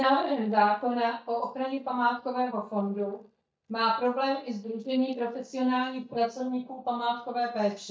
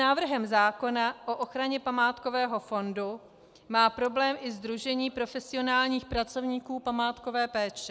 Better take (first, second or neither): second